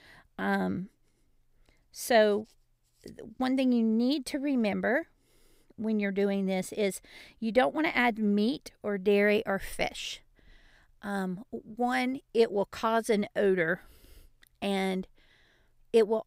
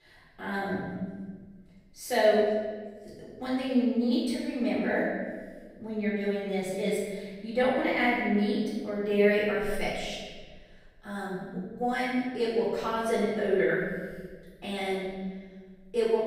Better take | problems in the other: first | off-mic speech; far // room echo; strong; dies away in 1.3 s

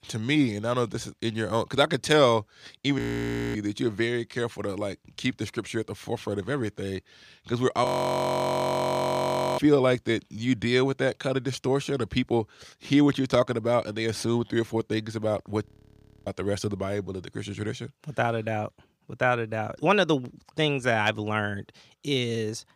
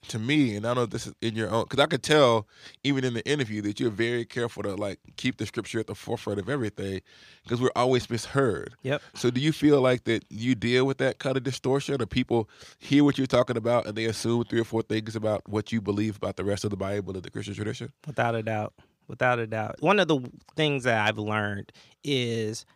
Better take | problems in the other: second | audio freezing; at 3 s for 0.5 s, at 8 s for 1.5 s and at 16 s for 0.5 s

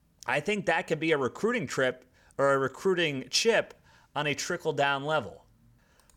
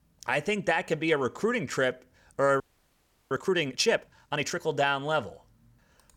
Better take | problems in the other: first | audio freezing; at 2.5 s for 0.5 s

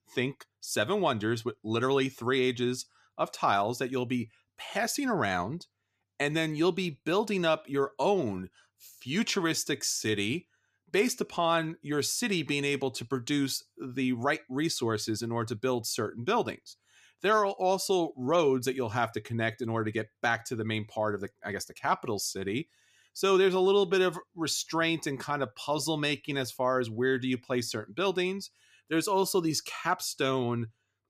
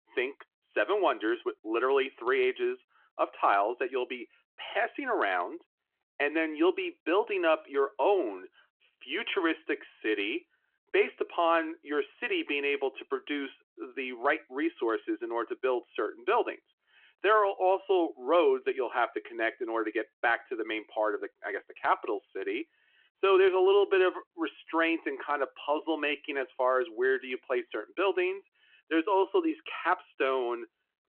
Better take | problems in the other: first | phone-call audio

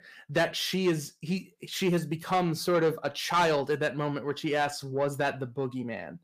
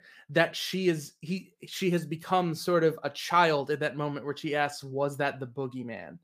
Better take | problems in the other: second | distortion; slight; 10 dB below the speech

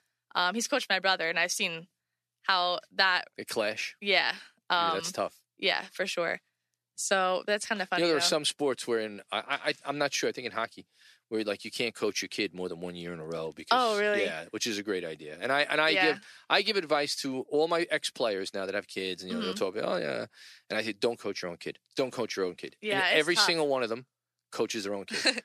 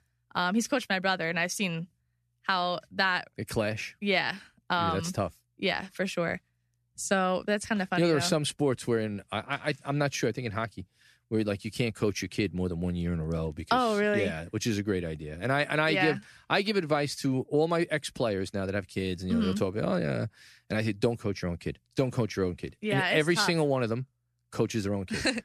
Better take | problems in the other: second | thin; somewhat; fading below 350 Hz

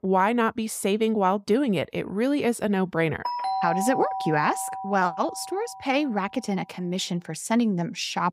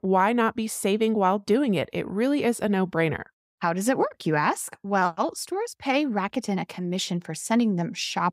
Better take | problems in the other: second | doorbell; noticeable; from 3.5 to 6 s; peak 1 dB below the speech

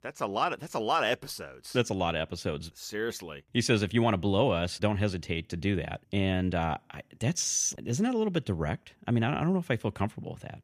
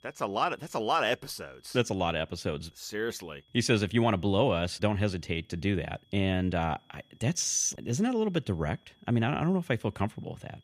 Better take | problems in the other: first | high-pitched whine; faint; throughout; 3.5 kHz, 35 dB below the speech

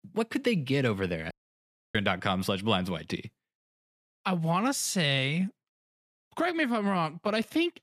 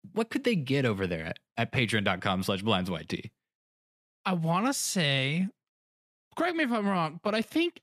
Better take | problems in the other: second | audio cutting out; at 1.5 s for 0.5 s

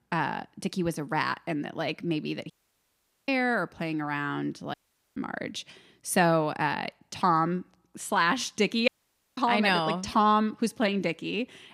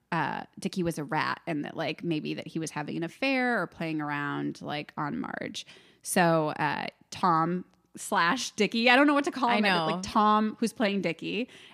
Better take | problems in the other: second | audio cutting out; at 2.5 s for 1 s, at 4.5 s and at 9 s

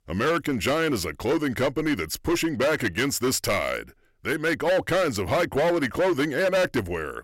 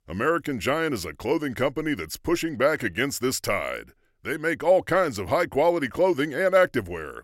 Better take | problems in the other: second | distortion; heavy; 15% of the sound clipped

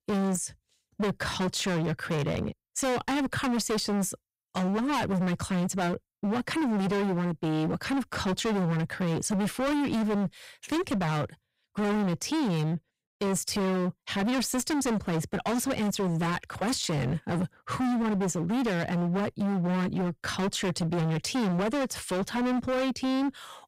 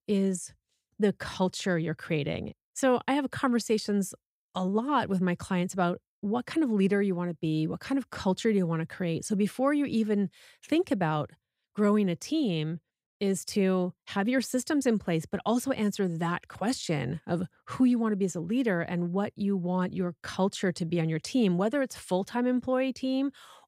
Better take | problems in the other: second | distortion; heavy; 33% of the sound clipped

